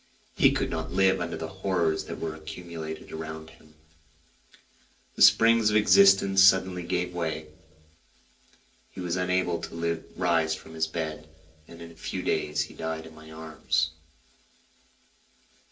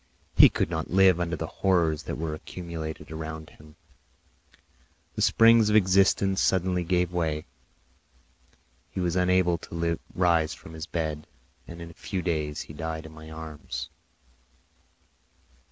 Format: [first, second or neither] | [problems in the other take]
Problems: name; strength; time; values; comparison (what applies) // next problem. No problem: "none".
second | room echo; dies away in 0.3 s